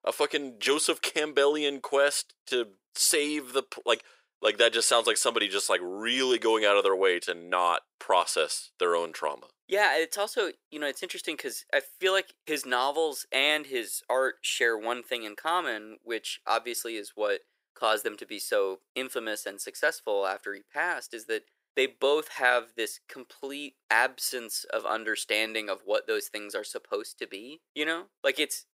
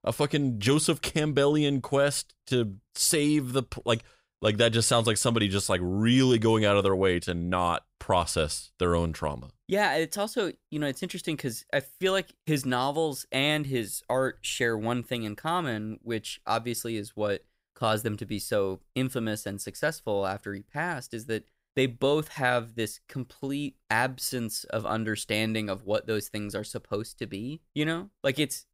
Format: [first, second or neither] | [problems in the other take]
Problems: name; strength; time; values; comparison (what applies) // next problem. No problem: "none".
second | thin; very; fading below 400 Hz